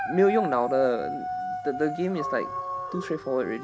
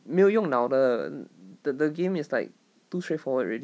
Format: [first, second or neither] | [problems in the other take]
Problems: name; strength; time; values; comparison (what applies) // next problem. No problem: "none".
second | background sound (Dog); 5 dB below the speech